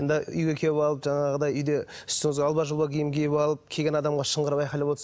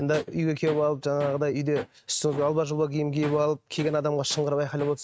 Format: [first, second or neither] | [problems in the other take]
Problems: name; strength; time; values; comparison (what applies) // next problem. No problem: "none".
first | noise reduction (neural mask model RNNoise)